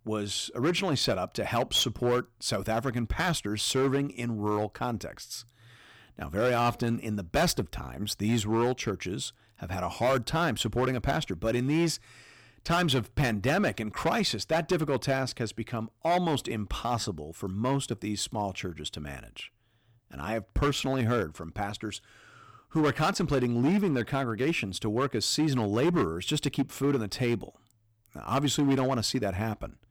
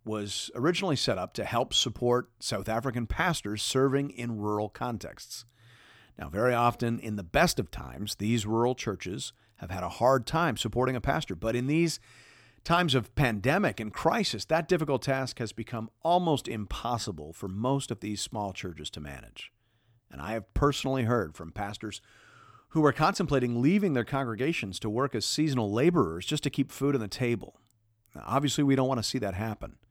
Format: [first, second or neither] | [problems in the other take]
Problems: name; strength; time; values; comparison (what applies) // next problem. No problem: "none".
second | distortion; slight; 6% of the sound clipped